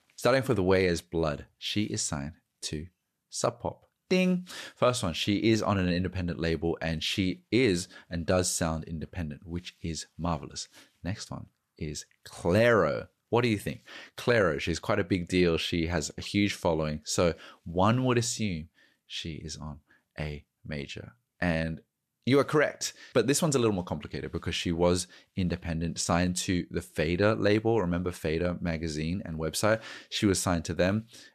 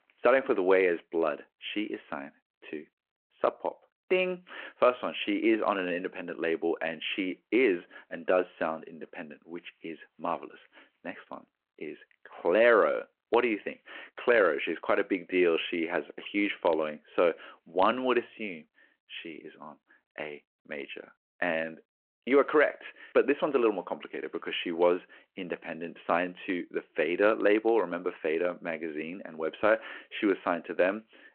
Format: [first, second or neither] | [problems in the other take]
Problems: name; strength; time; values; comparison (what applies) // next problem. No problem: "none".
first | phone-call audio